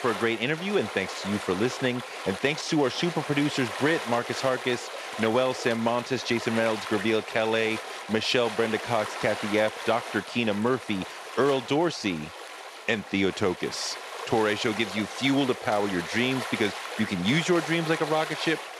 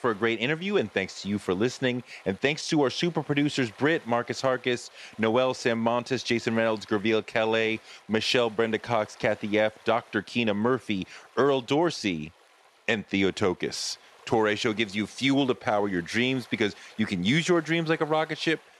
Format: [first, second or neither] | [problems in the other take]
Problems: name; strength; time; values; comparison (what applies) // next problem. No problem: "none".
second | rain or running water; loud; throughout; 9 dB below the speech; faint in the second